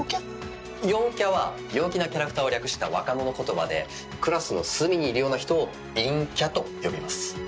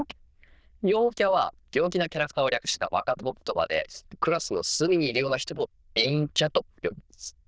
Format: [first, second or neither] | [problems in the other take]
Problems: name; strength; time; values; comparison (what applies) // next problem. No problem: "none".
first | noise reduction (neural diffusion model UNIVERSE++)